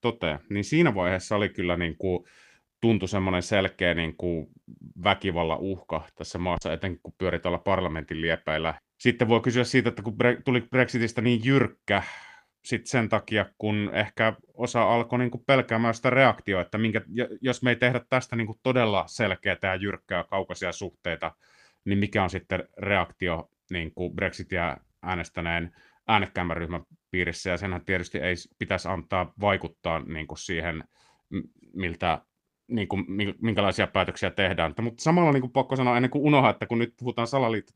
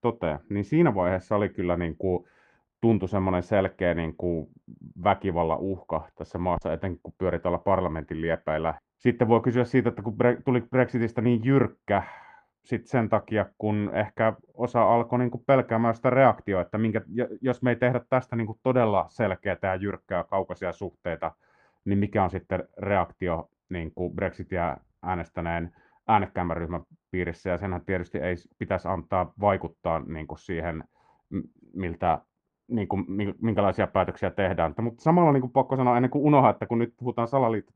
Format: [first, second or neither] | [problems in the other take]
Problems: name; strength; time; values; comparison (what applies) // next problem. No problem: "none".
first | muffled; very; fading above 2 kHz